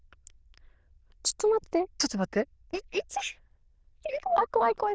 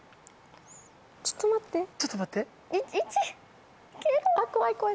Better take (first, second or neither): second